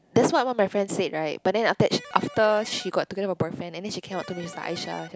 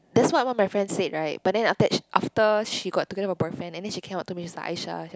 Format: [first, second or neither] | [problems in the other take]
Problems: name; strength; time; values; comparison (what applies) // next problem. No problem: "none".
second | background sound (Electric guitar); 17 dB below the speech